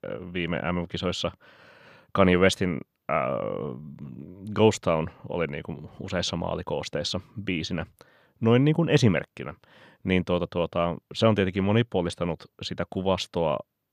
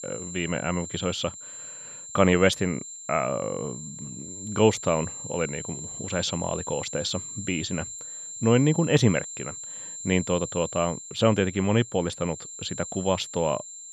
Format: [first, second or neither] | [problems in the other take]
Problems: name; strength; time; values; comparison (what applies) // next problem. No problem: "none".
first | high-pitched whine; loud; throughout; 7.5 kHz, 10 dB below the speech